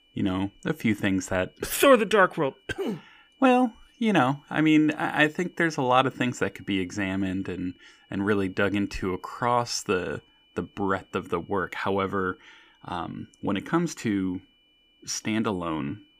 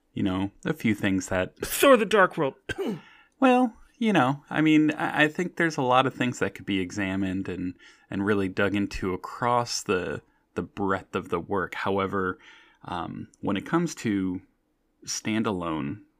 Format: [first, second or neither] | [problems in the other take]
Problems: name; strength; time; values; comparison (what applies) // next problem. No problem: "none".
second | high-pitched whine; faint; throughout; 3 kHz, 35 dB below the speech